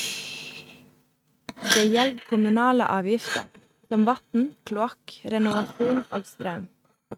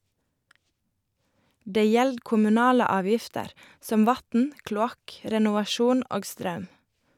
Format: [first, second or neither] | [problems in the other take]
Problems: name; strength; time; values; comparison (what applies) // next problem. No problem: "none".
second | noise reduction (neural mask model RNNoise)